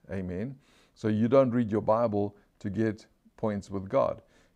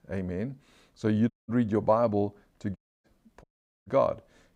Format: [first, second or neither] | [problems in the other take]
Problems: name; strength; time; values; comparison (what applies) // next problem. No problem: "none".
first | audio cutting out; at 1.5 s, at 3 s and at 3.5 s